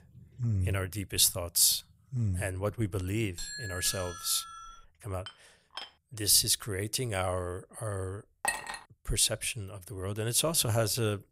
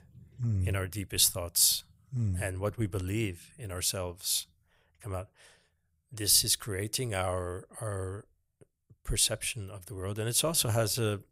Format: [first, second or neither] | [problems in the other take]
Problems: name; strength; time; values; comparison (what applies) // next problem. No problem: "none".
second | doorbell; noticeable; from 3.5 to 5 s; peak 9 dB below the speech // clattering dishes; faint; at 5.5 s; peak 15 dB below the speech // clattering dishes; noticeable; at 8.5 s; peak 3 dB below the speech